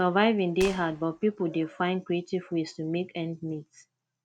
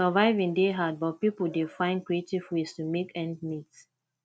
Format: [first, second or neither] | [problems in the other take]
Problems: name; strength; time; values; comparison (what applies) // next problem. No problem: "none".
second | background sound (Clapping); 15 dB below the speech